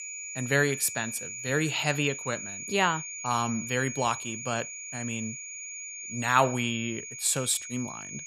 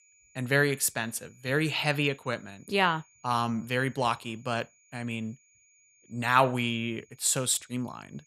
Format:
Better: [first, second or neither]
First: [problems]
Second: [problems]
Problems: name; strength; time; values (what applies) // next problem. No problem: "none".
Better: second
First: high-pitched whine; loud; throughout; 7 kHz, 8 dB below the speech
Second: high-pitched whine; faint; throughout; 7 kHz, 30 dB below the speech